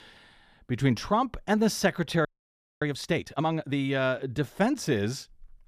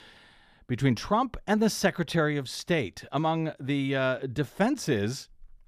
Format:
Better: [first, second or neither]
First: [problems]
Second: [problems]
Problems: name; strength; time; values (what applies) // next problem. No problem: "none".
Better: second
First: audio freezing; at 2.5 s for 0.5 s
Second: none